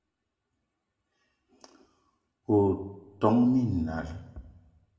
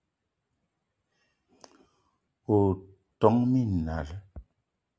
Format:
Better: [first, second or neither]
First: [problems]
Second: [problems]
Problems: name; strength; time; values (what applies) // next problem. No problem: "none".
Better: second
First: room echo; dies away in 0.9 s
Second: none